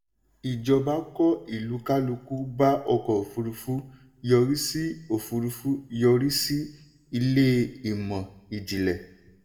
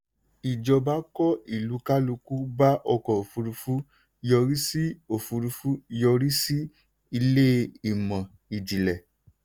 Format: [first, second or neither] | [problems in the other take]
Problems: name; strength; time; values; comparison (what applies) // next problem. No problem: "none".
second | room echo; dies away in 0.6 s